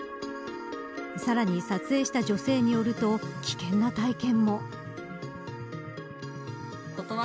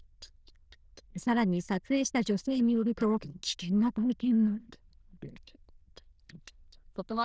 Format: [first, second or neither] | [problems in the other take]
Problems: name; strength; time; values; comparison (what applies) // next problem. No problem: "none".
first | noise reduction (neural diffusion model UNIVERSE++)